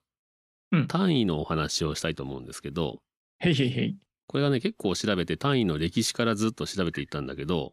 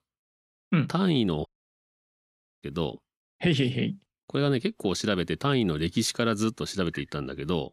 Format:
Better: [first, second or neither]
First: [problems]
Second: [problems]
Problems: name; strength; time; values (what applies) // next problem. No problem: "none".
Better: first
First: none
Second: audio cutting out; at 1.5 s for 1 s